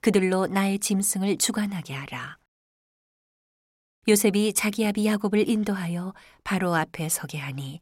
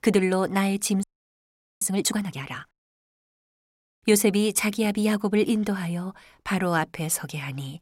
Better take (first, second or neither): first